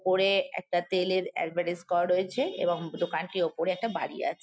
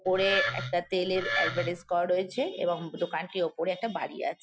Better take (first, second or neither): first